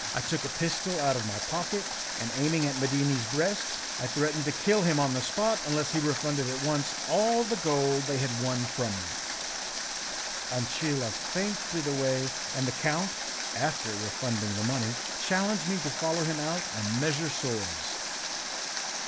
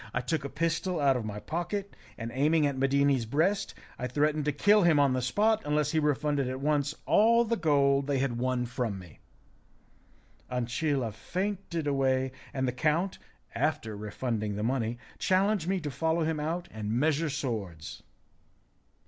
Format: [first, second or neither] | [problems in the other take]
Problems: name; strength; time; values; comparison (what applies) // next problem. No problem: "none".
second | background sound (Water); 3 dB below the speech